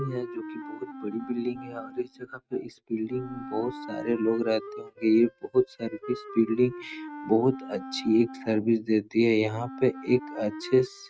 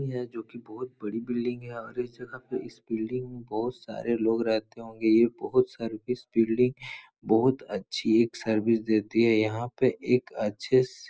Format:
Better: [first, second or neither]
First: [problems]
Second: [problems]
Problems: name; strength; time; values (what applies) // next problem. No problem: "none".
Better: second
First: noise reduction (neural mask model RNNoise)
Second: none